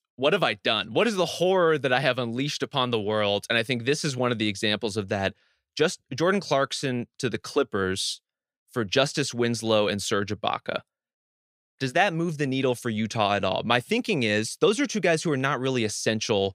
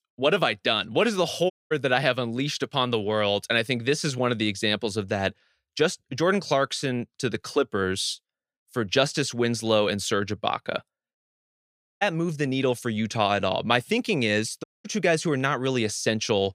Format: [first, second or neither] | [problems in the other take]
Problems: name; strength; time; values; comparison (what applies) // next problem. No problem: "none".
first | audio cutting out; at 1.5 s, at 12 s and at 15 s